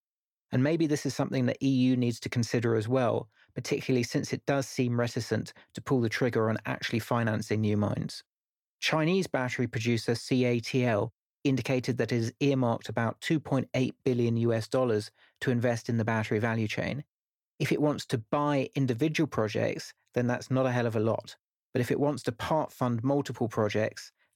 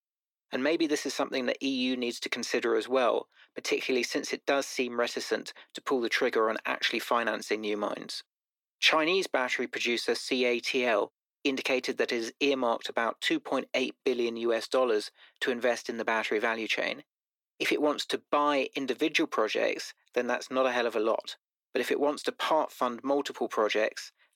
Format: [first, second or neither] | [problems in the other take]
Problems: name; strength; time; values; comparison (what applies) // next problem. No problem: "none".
first | thin; somewhat; fading below 300 Hz